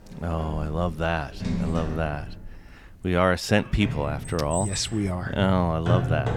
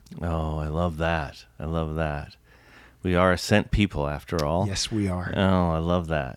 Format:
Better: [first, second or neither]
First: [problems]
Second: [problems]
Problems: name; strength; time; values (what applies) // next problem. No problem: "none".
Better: second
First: household noises; loud; throughout; 6 dB below the speech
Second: none